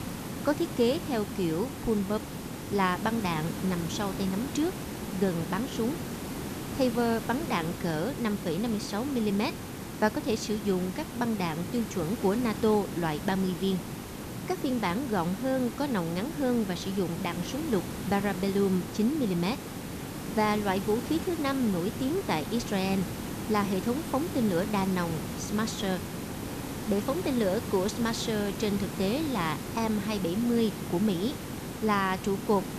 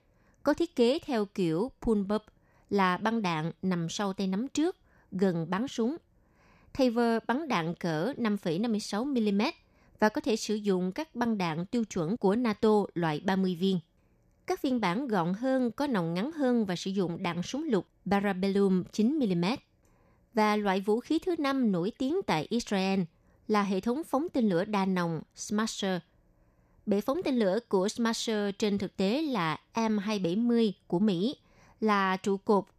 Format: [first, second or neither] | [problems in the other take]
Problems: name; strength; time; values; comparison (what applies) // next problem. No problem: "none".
second | hiss; loud; throughout; 7 dB below the speech